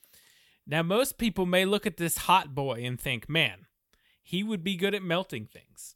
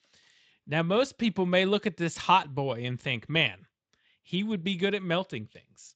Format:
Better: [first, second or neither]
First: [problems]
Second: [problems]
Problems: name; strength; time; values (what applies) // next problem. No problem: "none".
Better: first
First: none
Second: garbled, watery; slightly; nothing above 7.5 kHz